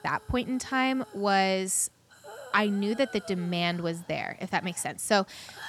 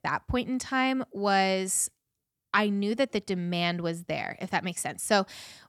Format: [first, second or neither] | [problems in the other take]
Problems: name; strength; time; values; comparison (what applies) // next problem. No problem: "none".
second | hiss; faint; throughout; 20 dB below the speech